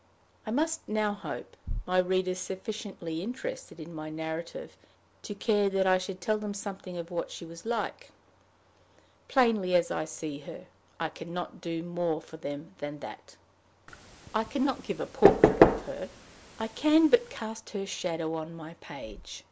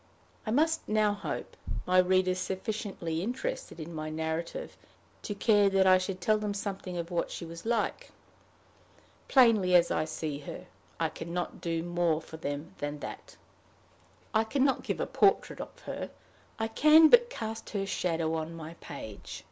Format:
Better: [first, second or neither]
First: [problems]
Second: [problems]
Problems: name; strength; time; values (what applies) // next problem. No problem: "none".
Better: second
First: background sound (Knock / Wood); 4 dB above the speech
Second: none